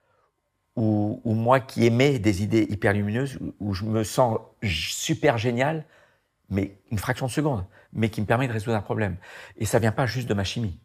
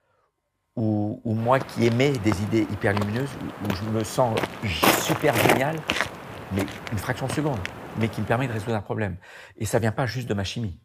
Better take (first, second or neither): first